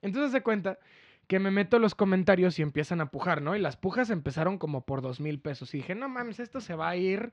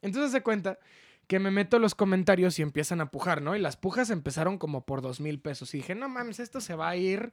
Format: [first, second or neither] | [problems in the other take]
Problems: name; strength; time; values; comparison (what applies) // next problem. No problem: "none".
second | muffled; very slightly; fading above 4 kHz